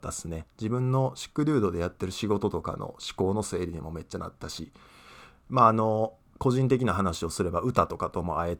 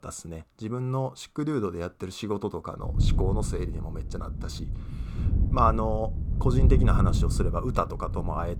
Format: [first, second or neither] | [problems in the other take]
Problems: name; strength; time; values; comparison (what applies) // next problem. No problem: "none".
first | wind noise on the microphone; occasional gusts; from 3 s on; 10 dB below the speech